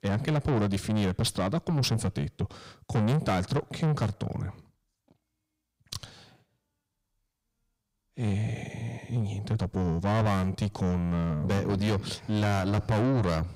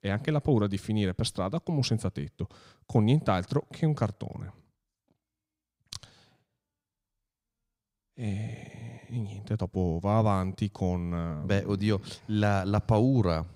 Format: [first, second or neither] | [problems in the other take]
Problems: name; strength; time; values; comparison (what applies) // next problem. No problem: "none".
second | distortion; heavy; 6 dB below the speech